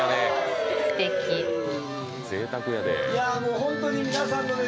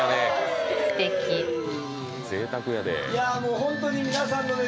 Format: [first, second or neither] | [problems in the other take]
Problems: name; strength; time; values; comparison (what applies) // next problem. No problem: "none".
second | background sound (Wind instrument, woodwind instrument); 8 dB below the speech